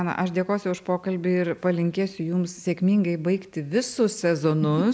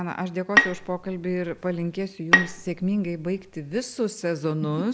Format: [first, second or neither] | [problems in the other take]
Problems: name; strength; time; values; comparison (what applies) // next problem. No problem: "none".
first | background sound (Bowed string instrument); 1 dB above the speech